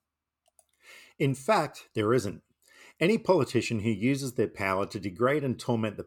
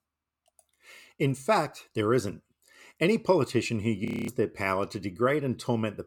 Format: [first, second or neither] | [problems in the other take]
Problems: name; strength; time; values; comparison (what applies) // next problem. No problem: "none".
first | audio freezing; at 4 s